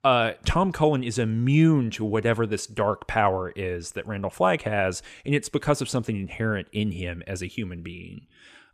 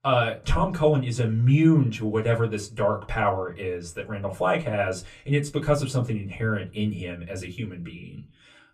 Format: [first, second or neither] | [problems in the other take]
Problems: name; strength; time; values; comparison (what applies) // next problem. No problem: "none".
first | off-mic speech; far // room echo; very slight; dies away in 0.2 s